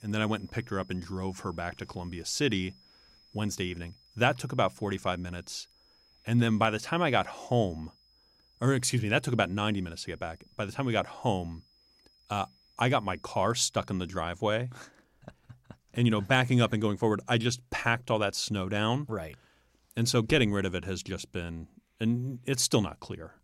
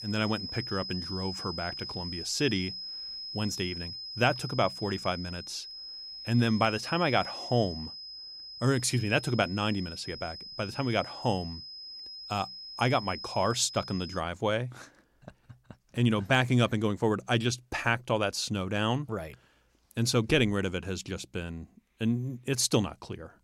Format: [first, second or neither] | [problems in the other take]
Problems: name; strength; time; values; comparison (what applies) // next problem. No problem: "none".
first | high-pitched whine; loud; until 14 s; 5 kHz, 9 dB below the speech; faint in the first